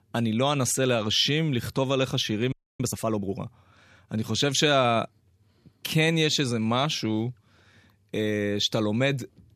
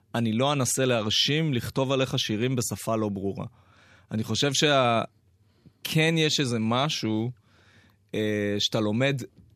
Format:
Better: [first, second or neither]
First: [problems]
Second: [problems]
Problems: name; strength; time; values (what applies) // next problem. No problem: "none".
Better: second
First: audio freezing; at 2.5 s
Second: none